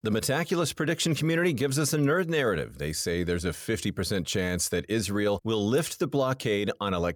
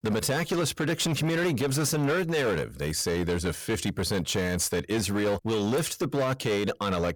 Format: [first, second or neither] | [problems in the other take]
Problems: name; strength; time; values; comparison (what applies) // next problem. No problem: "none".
first | distortion; slight; 19% of the sound clipped